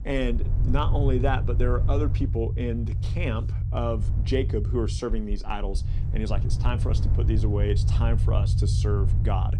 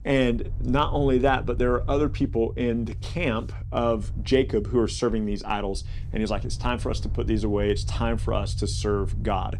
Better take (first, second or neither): second